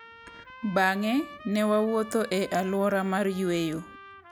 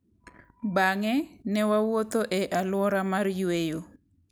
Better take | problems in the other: second | background sound (Trumpet); 19 dB below the speech

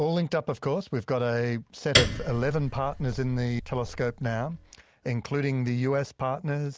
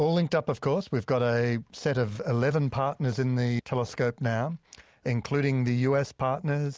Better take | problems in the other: second | background sound (Piano); 3 dB below the speech

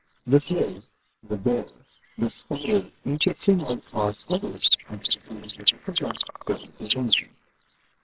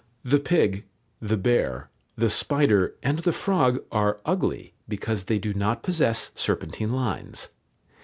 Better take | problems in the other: second | noise reduction (neural separator model SepFormer WHAMR!)

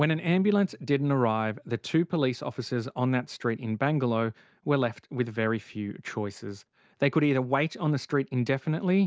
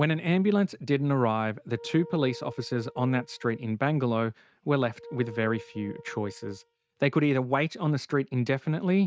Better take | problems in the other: first | noise reduction (neural mask model RNNoise)

